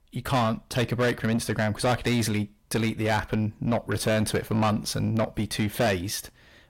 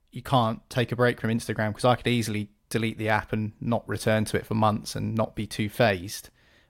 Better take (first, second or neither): second